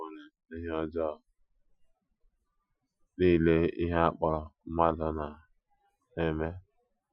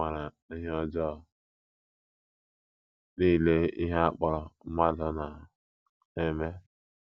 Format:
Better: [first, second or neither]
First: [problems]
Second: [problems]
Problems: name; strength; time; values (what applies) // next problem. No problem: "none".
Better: second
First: noise reduction (classical method Wiener filter)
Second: none